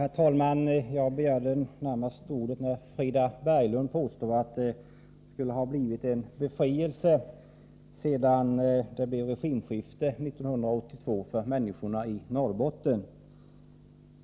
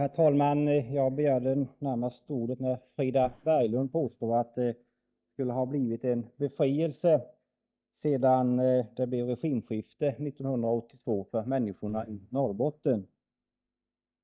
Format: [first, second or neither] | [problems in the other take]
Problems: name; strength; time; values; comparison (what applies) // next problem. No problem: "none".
first | noise reduction (neural mask model DeepFilterNet 3)